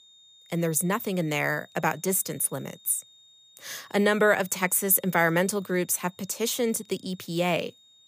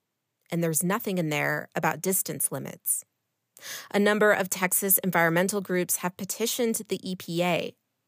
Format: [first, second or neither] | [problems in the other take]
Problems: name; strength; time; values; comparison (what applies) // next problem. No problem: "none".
second | high-pitched whine; faint; throughout; 3.5 kHz, 30 dB below the speech